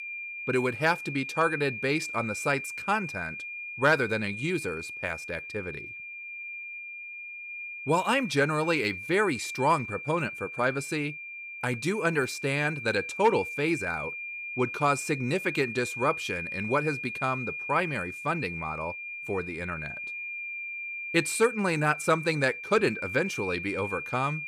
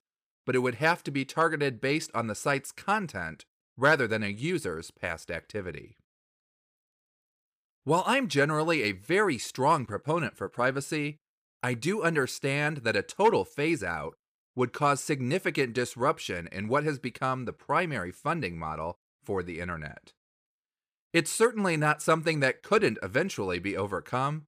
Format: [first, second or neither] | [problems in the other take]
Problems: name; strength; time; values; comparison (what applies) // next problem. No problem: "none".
second | high-pitched whine; loud; throughout; 2.5 kHz, 7 dB below the speech